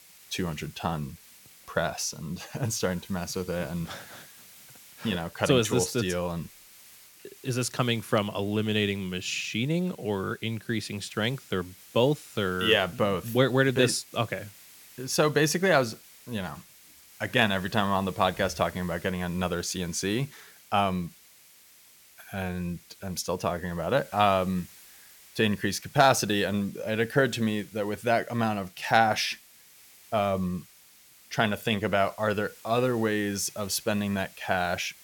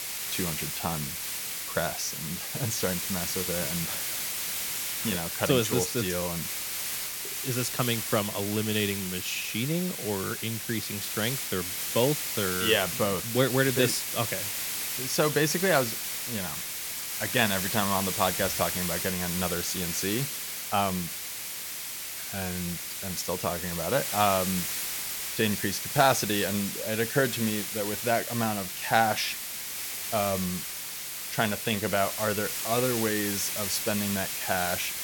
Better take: first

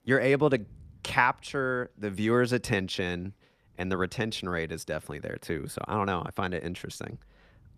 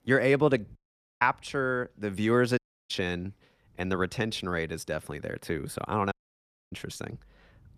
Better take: first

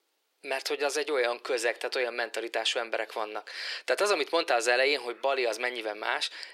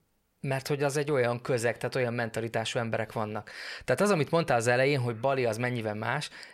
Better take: second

